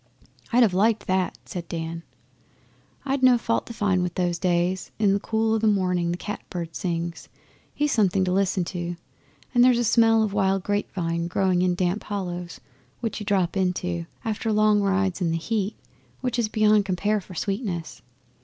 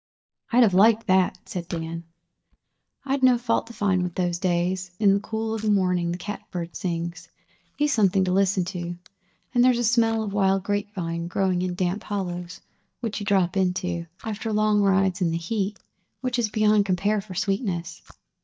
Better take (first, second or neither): first